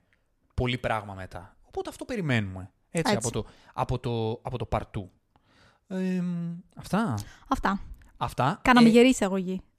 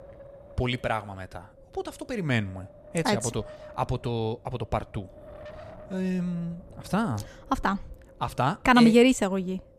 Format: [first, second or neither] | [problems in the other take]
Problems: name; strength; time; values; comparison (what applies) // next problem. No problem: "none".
first | wind noise on the microphone; occasional gusts; 20 dB below the speech